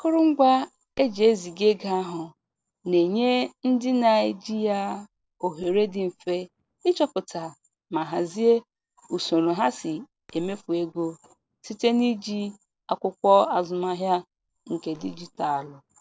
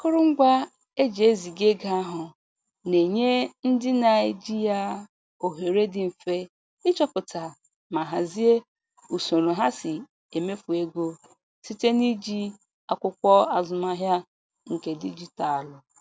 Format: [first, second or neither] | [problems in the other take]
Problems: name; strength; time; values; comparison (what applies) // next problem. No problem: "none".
second | noise reduction (neural separator model SepFormer DNS4)